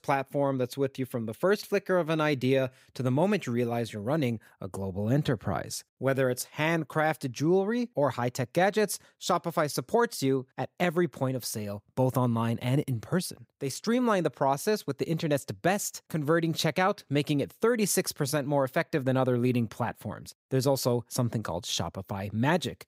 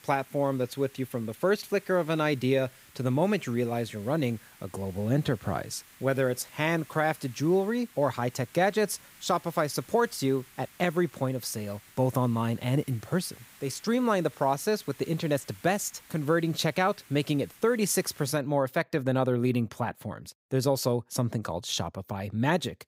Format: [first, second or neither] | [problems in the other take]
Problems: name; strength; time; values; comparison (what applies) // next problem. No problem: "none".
first | hiss; faint; until 18 s; 25 dB below the speech